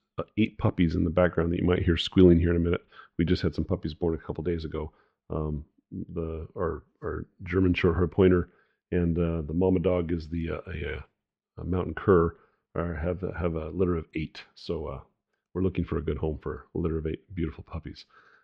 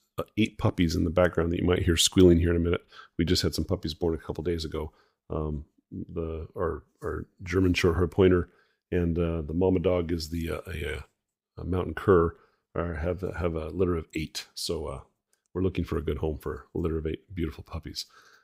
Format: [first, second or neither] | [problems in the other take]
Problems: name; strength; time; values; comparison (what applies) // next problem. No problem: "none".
second | muffled; slightly; fading above 3 kHz